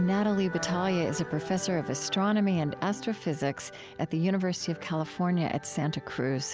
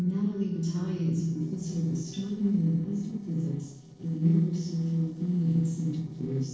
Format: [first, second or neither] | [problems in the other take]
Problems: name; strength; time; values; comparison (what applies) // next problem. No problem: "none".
first | noise reduction (neural separator model SepFormer DNS4)